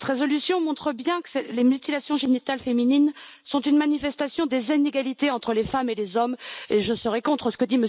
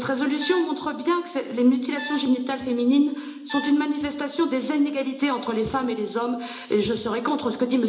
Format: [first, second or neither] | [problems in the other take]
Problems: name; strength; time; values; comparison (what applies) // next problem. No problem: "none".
first | background sound (Brass instrument); 17 dB below the speech // room echo; dies away in 0.8 s